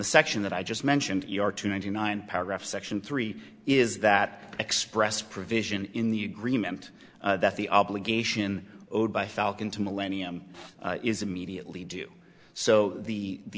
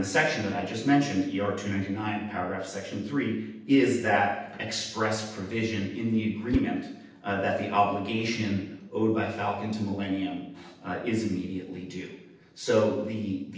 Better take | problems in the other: first | noise reduction (neural separator model SepFormer DNS4)

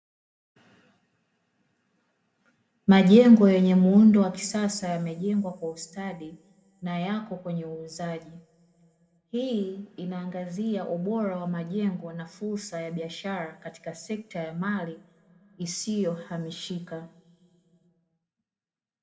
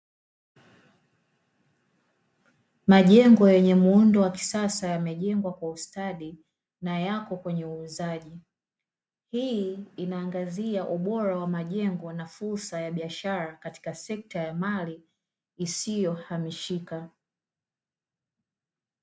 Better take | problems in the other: second | room echo; dies away in 2.1 s

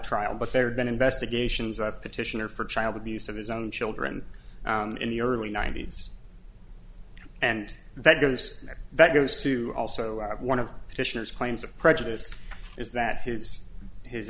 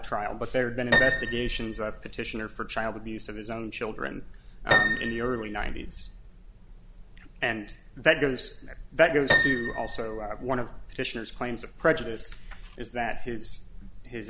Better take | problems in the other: first | background sound (Piano); 1 dB above the speech

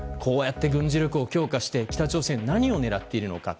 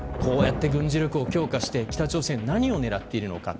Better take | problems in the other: first | background sound (Thunder / Rain); 7 dB below the speech

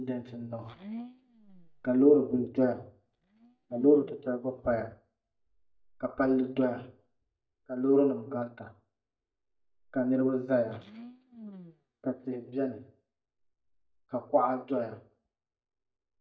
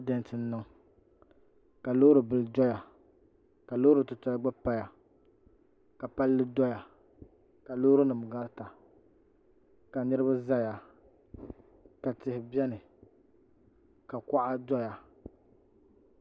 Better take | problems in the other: second | noise reduction (neural mask model DeepFilterNet 3)

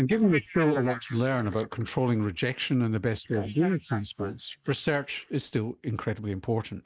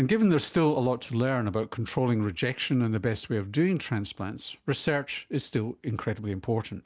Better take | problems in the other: second | noise reduction (neural mask model Resemble Enhance denoiser)

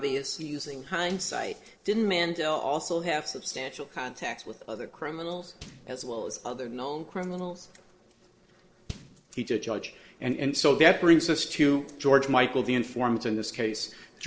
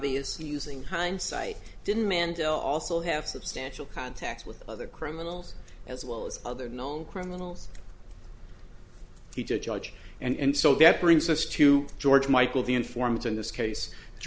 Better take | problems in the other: second | noise reduction (neural separator model SepFormer DNS4)

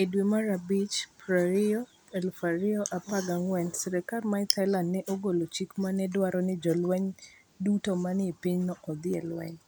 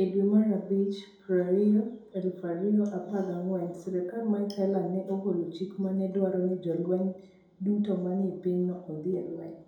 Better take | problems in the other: first | room echo; dies away in 2.6 s

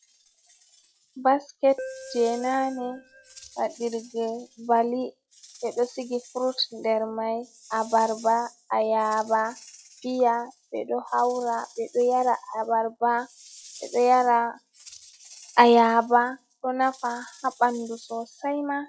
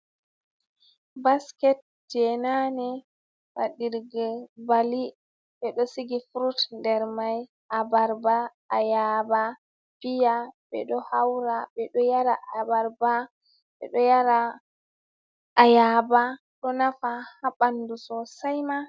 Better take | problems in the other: second | noise reduction (classical method log-MMSE)

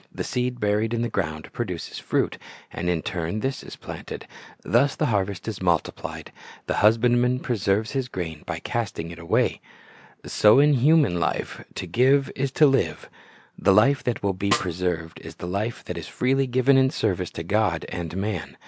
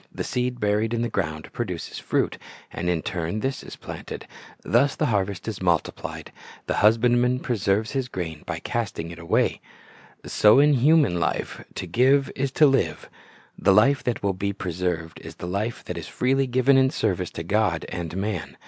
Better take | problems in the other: second | background sound (Snare drum); 8 dB below the speech

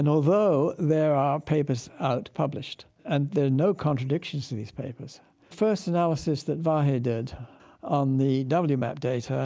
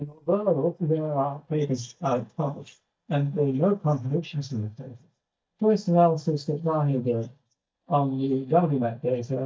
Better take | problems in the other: first | noise reduction (neural mask model DeepFilterNet 3)

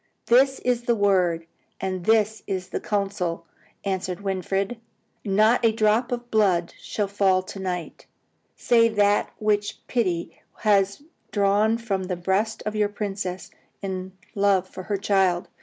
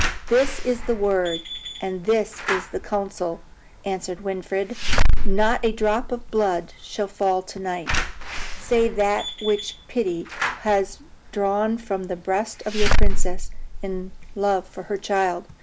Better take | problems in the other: first | background sound (Slam / Alarm); 4 dB above the speech

